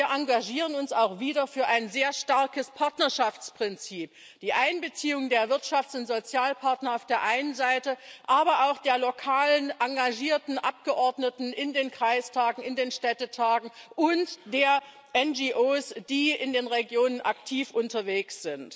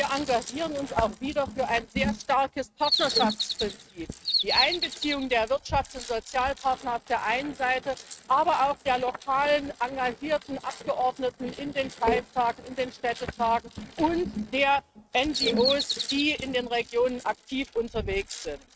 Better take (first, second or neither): first